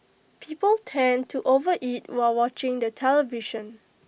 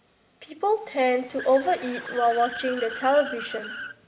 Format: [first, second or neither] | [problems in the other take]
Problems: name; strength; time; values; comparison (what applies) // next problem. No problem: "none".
first | background sound (Accelerating, revving, vroom / Car); 13 dB below the speech // room echo; dies away in 1.6 s